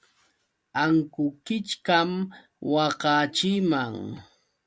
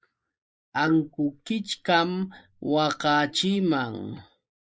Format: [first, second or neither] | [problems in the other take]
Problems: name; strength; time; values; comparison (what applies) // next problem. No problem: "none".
first | noise reduction (neural mask model Resemble Enhance denoiser)